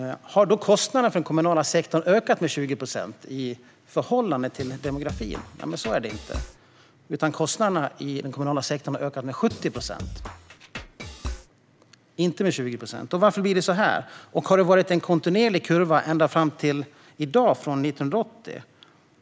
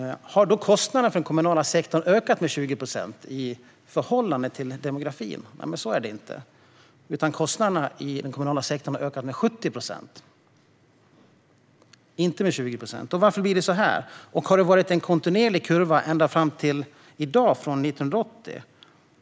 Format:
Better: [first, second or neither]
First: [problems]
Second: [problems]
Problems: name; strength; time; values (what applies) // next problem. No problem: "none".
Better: second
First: background sound (Drum kit); 12 dB below the speech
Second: none